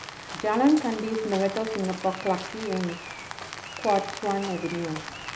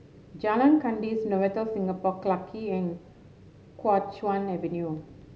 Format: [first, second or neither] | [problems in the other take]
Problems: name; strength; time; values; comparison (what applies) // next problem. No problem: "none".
second | background sound (Rain); 11 dB below the speech